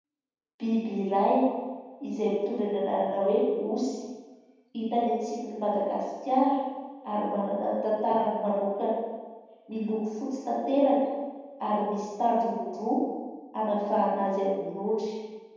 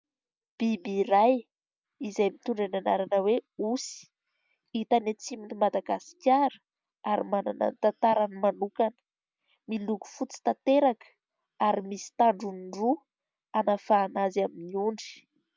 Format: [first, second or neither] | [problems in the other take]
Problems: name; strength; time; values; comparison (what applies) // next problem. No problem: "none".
second | room echo; dies away in 1.2 s